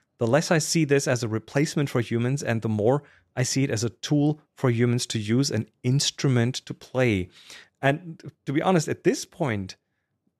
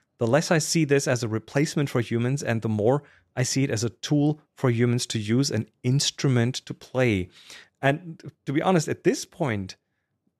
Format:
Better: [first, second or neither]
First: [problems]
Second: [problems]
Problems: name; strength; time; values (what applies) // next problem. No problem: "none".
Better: neither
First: none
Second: none